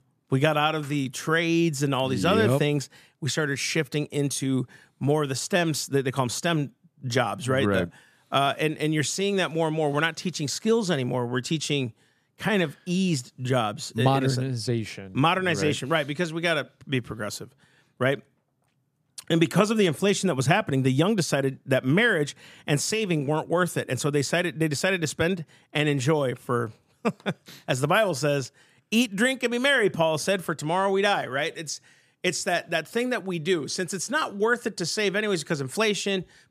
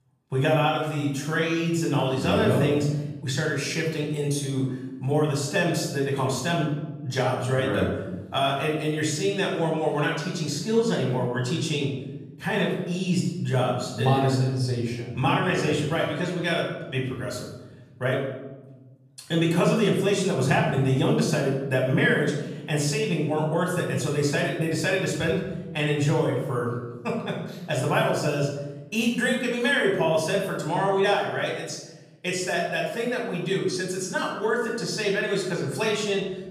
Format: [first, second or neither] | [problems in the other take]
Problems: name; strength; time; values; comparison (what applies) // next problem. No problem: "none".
first | off-mic speech; far // room echo; noticeable; dies away in 1 s